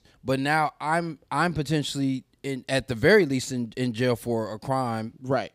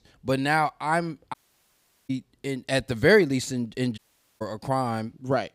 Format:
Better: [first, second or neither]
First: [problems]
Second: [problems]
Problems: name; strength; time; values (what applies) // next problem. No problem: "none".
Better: first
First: none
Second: audio cutting out; at 1.5 s for 0.5 s and at 4 s